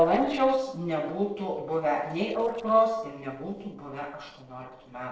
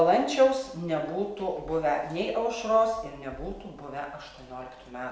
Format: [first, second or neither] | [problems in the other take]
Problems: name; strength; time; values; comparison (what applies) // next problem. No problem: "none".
second | noise reduction (neural separator model SepFormer DNS4)